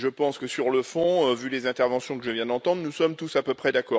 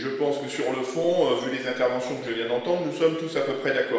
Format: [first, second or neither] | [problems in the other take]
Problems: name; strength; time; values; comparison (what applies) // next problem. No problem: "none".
first | room echo; dies away in 0.9 s